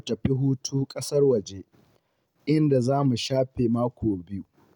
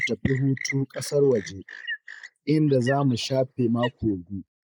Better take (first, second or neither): first